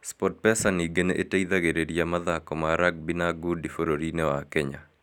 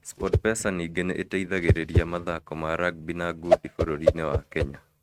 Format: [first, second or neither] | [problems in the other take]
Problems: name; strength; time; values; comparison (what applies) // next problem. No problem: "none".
first | noise reduction (neural mask model RNNoise)